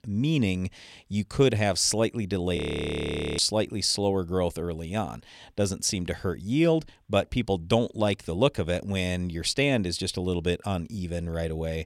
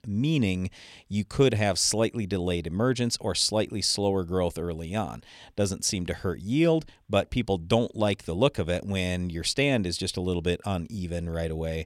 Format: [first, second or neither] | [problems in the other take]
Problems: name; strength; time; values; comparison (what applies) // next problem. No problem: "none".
second | audio freezing; at 2.5 s for 1 s